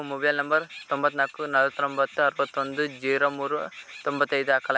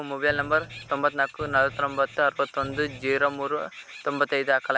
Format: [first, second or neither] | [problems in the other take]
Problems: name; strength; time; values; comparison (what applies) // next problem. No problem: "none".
first | background sound (Drum); 18 dB below the speech